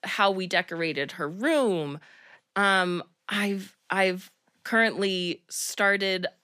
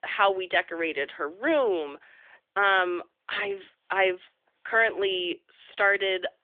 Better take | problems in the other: first | phone-call audio

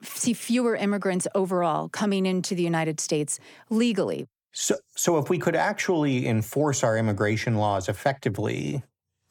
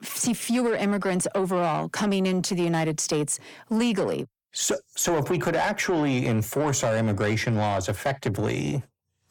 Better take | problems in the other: first | distortion; slight; 10 dB below the speech

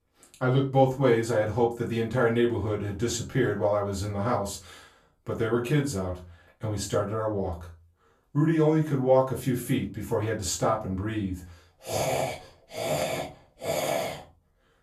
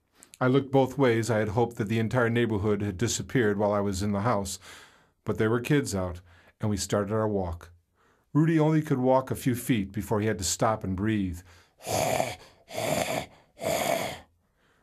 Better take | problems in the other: second | off-mic speech; far // room echo; very slight; dies away in 0.3 s

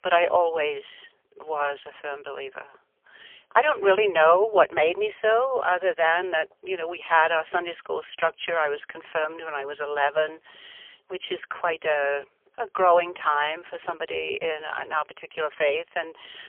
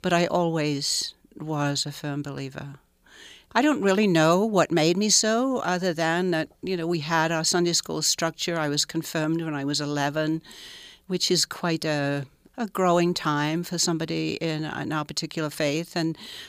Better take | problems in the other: second | phone-call audio; poor line; nothing above 3 kHz

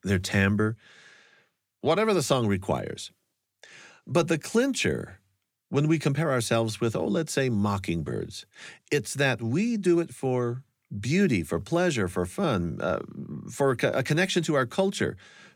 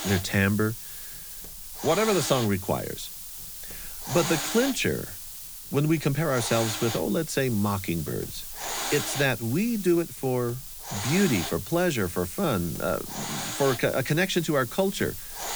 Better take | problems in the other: first | hiss; loud; throughout; 7 dB below the speech

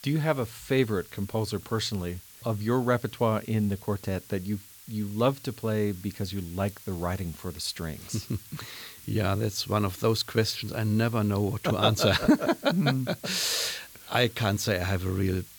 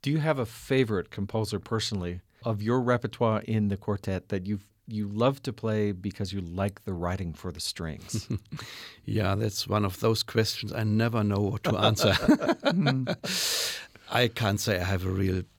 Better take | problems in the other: second | hiss; noticeable; throughout; 20 dB below the speech

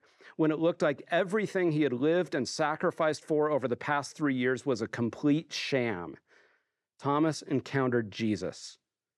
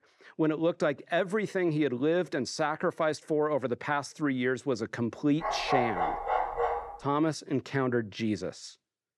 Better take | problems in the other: first | dog barking; loud; from 5.5 to 7 s; peak 1 dB above the speech

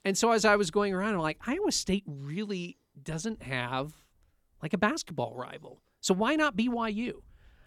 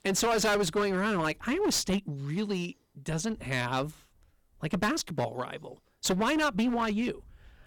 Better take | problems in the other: first | distortion; heavy; 13% of the sound clipped

